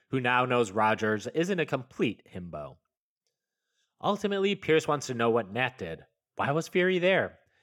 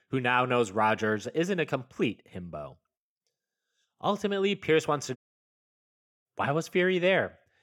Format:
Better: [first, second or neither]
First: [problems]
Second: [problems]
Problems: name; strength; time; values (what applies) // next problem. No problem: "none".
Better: first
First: none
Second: audio cutting out; at 5 s for 1 s